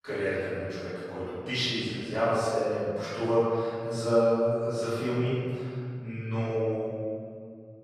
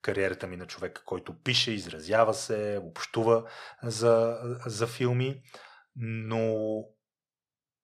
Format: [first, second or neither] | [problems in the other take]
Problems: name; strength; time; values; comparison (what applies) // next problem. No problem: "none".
second | room echo; strong; dies away in 2.3 s // off-mic speech; far